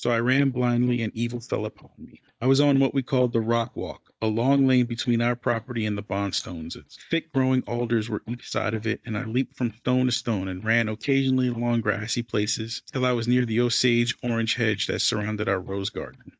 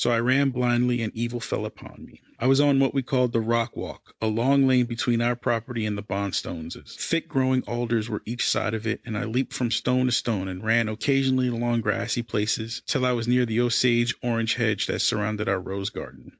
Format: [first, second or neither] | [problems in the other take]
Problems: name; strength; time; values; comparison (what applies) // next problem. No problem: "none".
second | noise reduction (neural mask model DeepFilterNet 3)